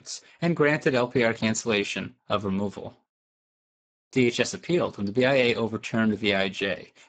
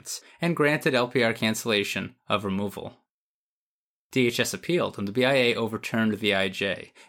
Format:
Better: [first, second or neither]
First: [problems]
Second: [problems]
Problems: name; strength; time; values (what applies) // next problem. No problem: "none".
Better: second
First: garbled, watery; badly; nothing above 7.5 kHz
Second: none